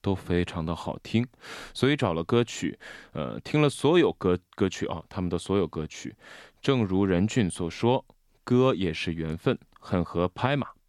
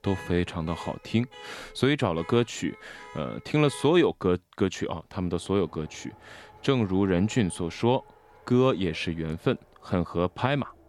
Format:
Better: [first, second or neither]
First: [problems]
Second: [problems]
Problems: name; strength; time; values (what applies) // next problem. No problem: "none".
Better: first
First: none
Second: traffic noise; faint; throughout; 20 dB below the speech